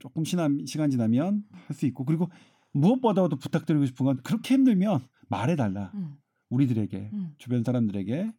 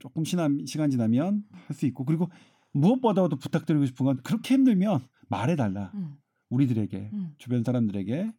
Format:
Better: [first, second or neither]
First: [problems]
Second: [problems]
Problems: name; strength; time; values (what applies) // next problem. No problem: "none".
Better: neither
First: none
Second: none